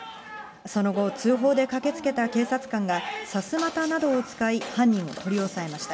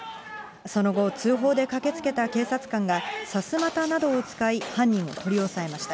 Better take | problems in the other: second | room echo; dies away in 0.4 s

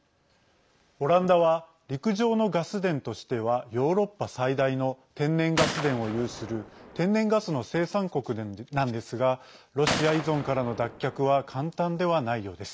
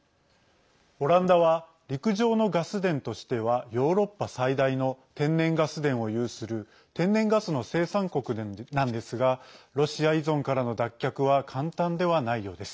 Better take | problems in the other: second | background sound (Gunshot, gunfire); 8 dB below the speech

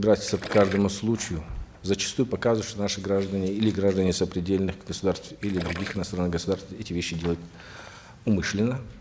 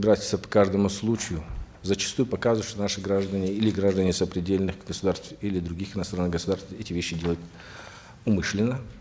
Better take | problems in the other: second | background sound (Gurgling); 17 dB below the speech

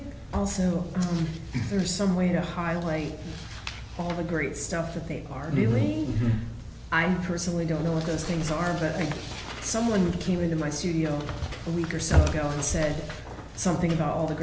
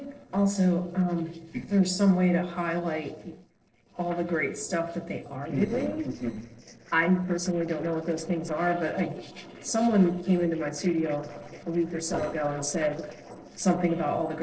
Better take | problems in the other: first | noise reduction (neural separator model SepFormer DNS4)

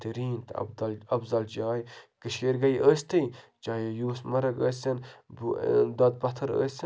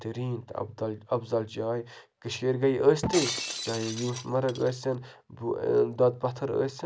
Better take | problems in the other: first | background sound (Shatter); 9 dB below the speech

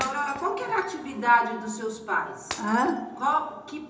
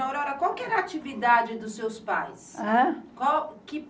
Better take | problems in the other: second | background sound (Shatter); 16 dB below the speech // room echo; dies away in 0.8 s

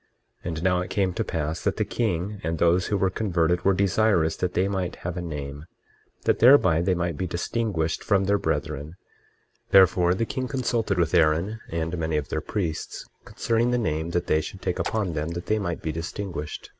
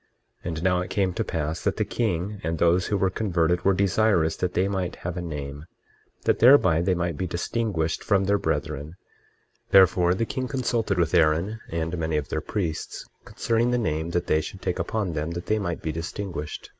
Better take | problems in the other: second | background sound (Raindrop / Splash, splatter); 16 dB below the speech

